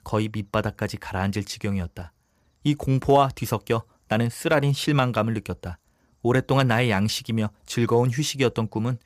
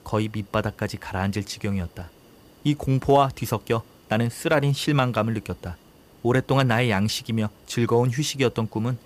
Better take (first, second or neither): first